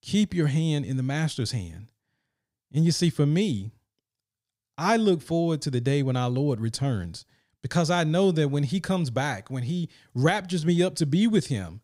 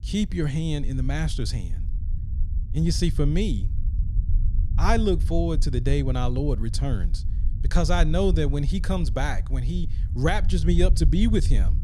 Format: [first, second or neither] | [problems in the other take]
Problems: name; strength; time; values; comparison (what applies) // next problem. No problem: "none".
first | low rumble; noticeable; throughout; 15 dB below the speech